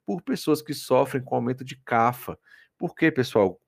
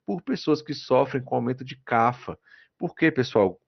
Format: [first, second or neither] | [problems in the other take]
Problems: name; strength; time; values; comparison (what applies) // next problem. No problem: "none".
first | garbled, watery; slightly; nothing above 6 kHz